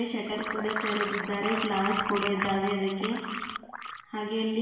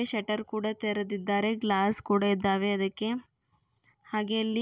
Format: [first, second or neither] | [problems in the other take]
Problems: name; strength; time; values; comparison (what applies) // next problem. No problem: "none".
second | background sound (Liquid); 4 dB below the speech // room echo; dies away in 1.1 s